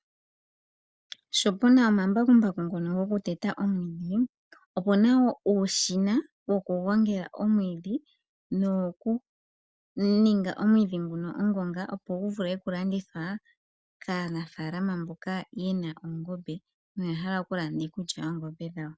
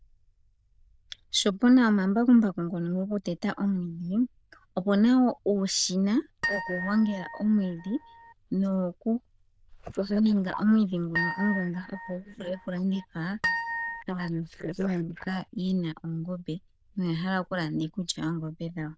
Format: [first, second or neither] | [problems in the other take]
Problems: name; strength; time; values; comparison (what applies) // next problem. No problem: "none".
first | noise reduction (neural diffusion model UNIVERSE++)